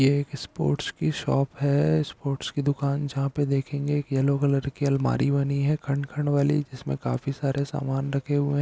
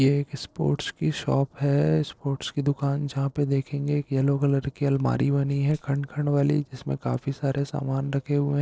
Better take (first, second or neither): first